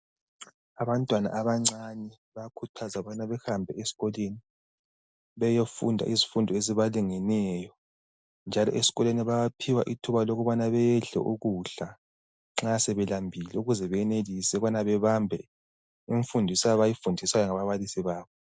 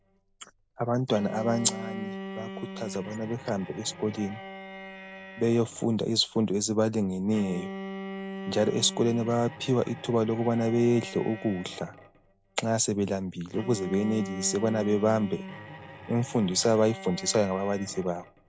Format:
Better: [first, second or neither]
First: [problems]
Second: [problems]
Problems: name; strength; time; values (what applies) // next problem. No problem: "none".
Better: first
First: none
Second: background sound (Bowed string instrument); 13 dB below the speech